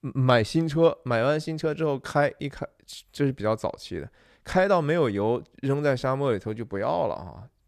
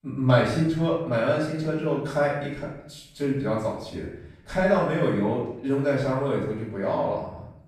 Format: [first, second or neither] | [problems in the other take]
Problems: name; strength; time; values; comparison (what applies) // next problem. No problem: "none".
first | off-mic speech; far // room echo; noticeable; dies away in 0.7 s